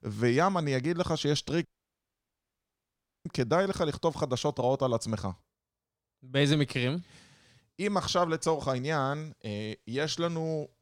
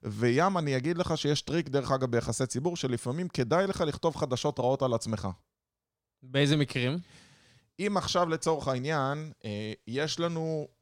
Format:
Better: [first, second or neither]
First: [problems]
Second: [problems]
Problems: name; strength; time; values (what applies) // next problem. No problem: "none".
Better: second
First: audio cutting out; at 1.5 s for 1.5 s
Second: none